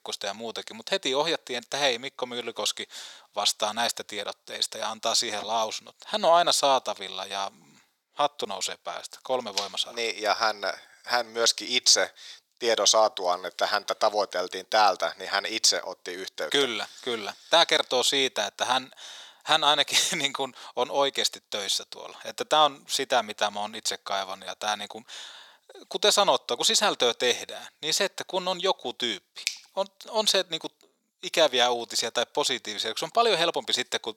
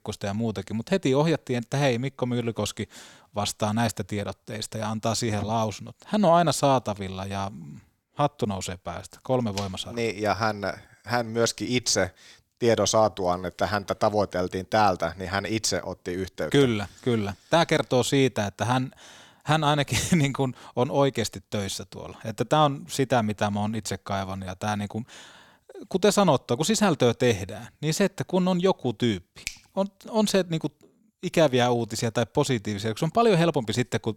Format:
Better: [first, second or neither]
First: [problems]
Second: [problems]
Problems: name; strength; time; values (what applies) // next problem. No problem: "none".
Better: second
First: thin; very; fading below 600 Hz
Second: none